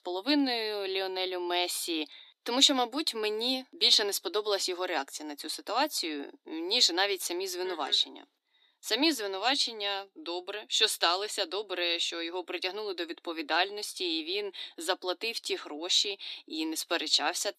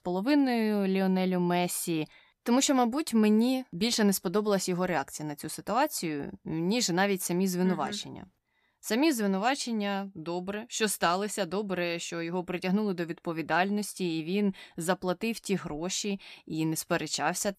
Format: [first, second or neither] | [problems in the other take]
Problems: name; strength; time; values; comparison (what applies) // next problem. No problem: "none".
second | thin; somewhat; fading below 250 Hz